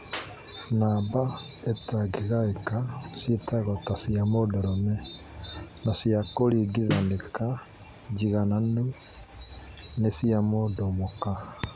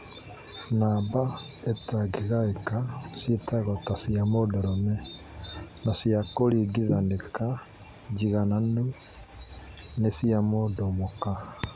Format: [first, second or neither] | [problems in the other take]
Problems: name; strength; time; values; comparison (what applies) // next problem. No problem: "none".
second | background sound (Clapping); 18 dB below the speech